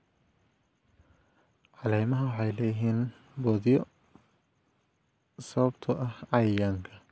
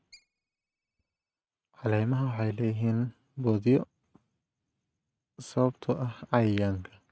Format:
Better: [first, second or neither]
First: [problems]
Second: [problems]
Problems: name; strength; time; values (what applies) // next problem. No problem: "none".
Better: first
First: none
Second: noise reduction (neural mask model RNNoise)